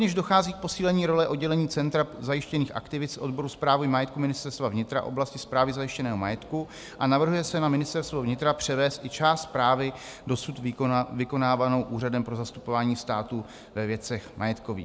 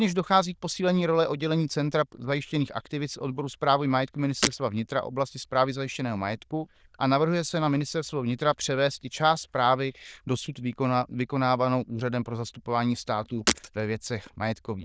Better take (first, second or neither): first